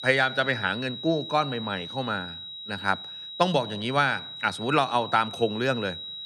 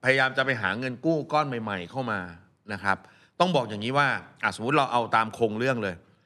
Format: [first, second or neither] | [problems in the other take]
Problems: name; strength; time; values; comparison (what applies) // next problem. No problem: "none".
second | high-pitched whine; loud; throughout; 4 kHz, 10 dB below the speech